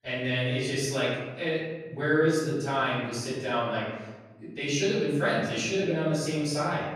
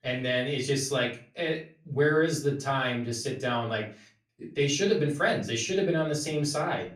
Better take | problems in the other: second | room echo; strong; dies away in 1.2 s; slight in the second // off-mic speech; far; far in the second

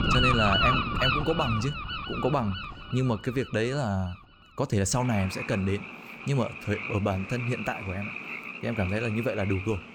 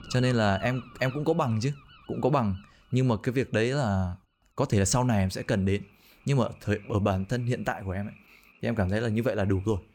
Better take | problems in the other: second | animal sounds; loud; throughout; 2 dB below the speech; faint in the second

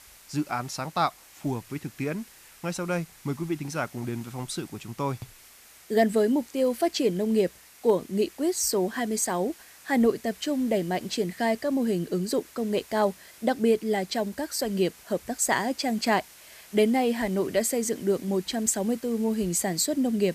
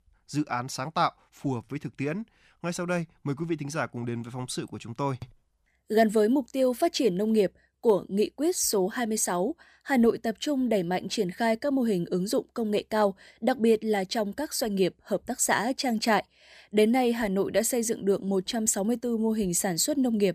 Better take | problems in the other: second | hiss; faint; throughout; 20 dB below the speech

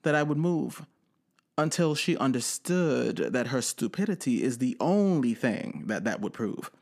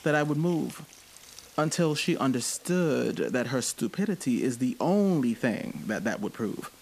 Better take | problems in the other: first | hiss; faint; throughout; 20 dB below the speech

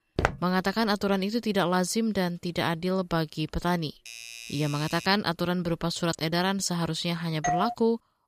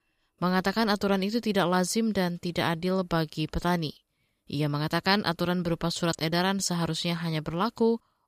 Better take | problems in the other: second | footsteps; noticeable; at the start; peak 2 dB below the speech // doorbell; faint; from 4 to 5 s; peak 10 dB below the speech // doorbell; noticeable; at 7.5 s; peak 1 dB below the speech

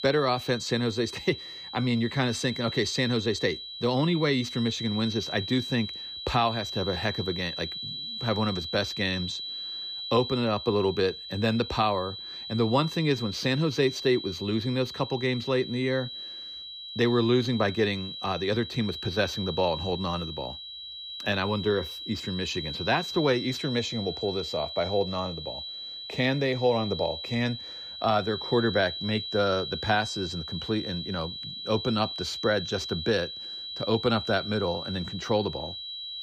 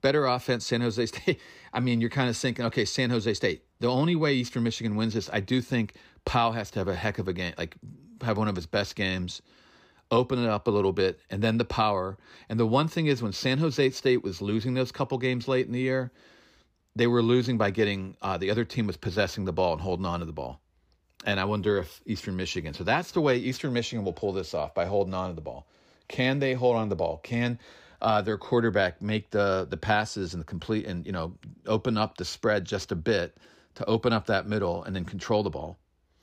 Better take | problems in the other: second | high-pitched whine; loud; throughout; 4 kHz, 7 dB below the speech

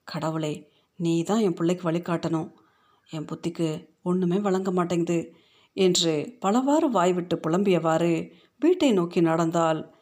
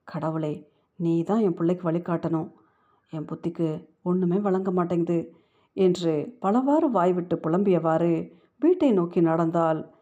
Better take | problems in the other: first | muffled; very; fading above 2.5 kHz

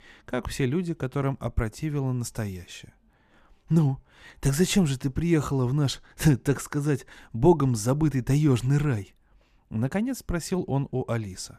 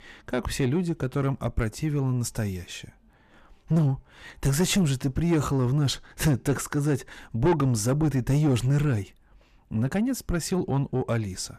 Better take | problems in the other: first | distortion; slight; 10 dB below the speech

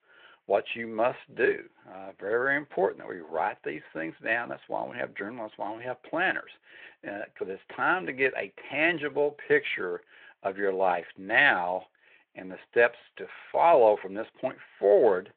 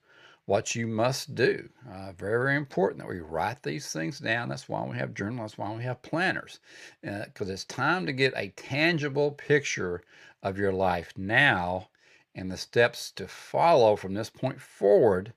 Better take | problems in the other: second | phone-call audio

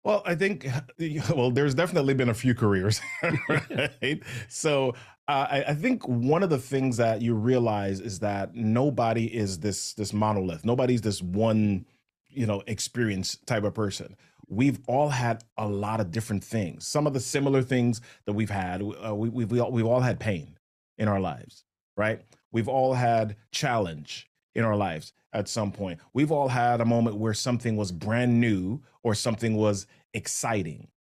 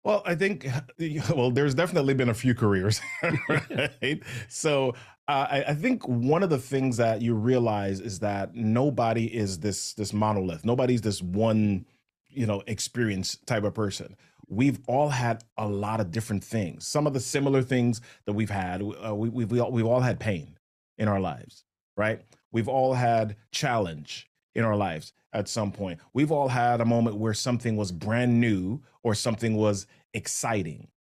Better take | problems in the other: neither | none

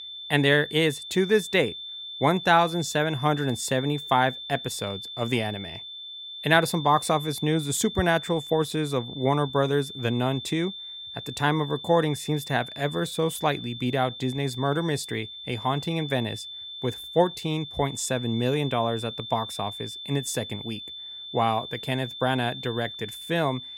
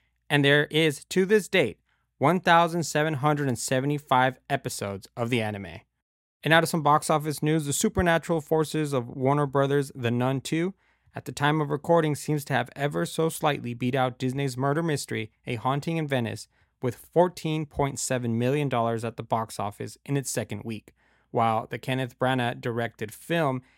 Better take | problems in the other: second | high-pitched whine; noticeable; throughout; 3.5 kHz, 10 dB below the speech

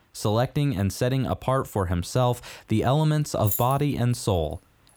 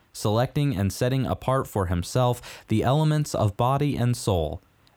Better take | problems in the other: second | jangling keys; noticeable; at 3.5 s; peak 3 dB below the speech

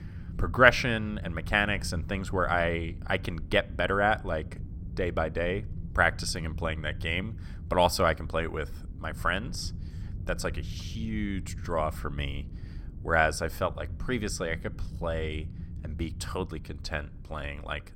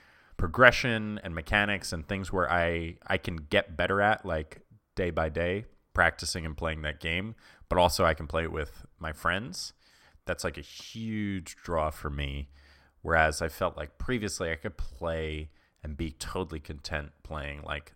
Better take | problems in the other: second | low rumble; faint; throughout; 25 dB below the speech

